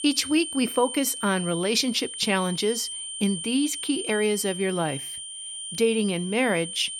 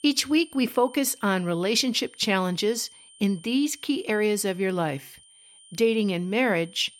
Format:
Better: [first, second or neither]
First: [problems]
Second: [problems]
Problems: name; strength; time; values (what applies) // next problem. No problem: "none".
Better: second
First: high-pitched whine; loud; throughout; 3 kHz, 7 dB below the speech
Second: high-pitched whine; faint; throughout; 3 kHz, 25 dB below the speech